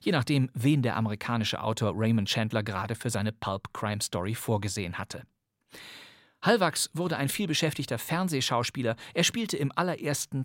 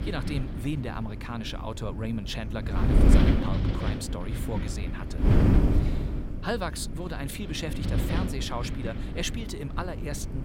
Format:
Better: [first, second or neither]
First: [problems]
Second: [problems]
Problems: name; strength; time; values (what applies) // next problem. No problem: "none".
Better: first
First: none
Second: wind noise on the microphone; heavy; as loud as the speech